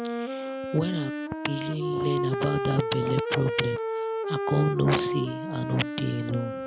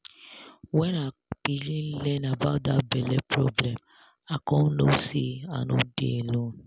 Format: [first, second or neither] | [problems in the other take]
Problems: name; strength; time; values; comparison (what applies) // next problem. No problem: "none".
second | background sound (Wind instrument, woodwind instrument); 2 dB below the speech